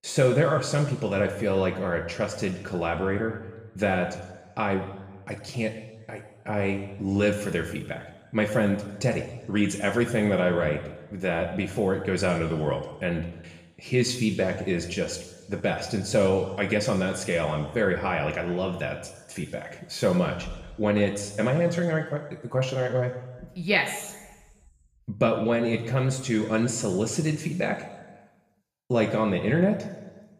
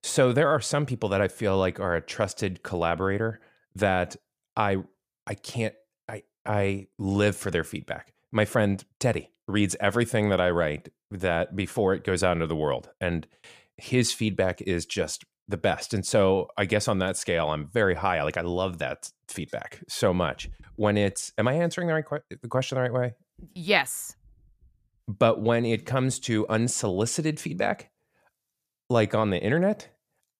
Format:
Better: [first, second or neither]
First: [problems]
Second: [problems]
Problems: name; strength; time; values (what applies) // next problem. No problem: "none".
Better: second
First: room echo; noticeable; dies away in 1 s // off-mic speech; somewhat distant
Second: none